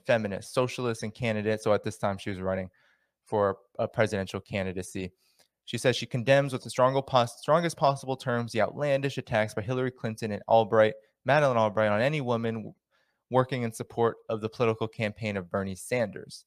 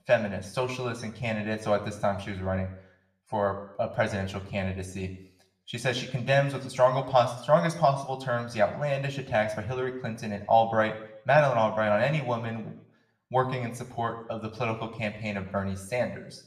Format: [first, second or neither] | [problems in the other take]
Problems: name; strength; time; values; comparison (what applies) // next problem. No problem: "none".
first | room echo; very slight; dies away in 0.7 s